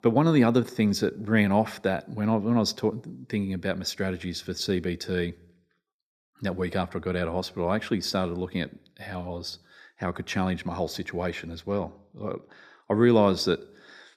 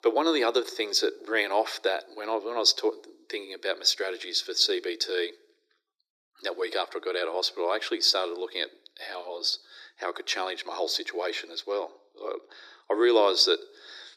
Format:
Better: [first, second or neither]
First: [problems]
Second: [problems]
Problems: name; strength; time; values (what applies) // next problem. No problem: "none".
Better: first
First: none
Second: thin; very; fading below 300 Hz